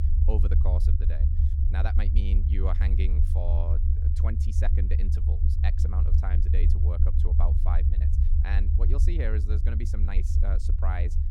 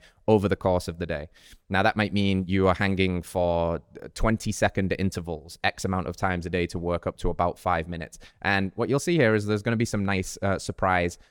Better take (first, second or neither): second